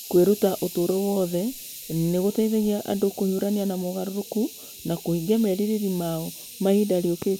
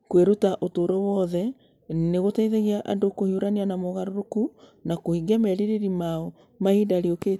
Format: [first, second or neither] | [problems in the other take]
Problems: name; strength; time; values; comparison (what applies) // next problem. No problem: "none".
second | background sound (Hiss); 17 dB below the speech